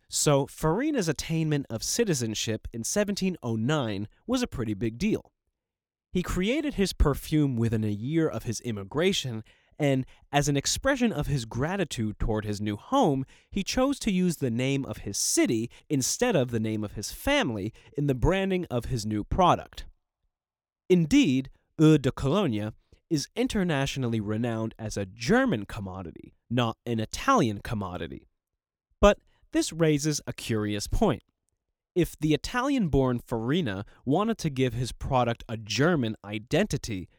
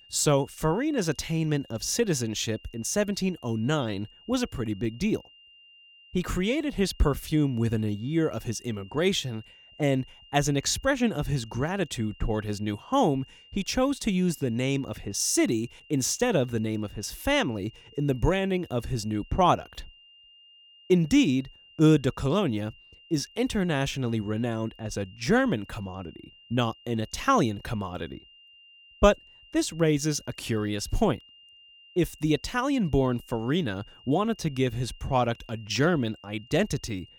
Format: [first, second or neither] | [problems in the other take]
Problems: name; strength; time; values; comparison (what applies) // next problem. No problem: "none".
first | high-pitched whine; faint; throughout; 3 kHz, 25 dB below the speech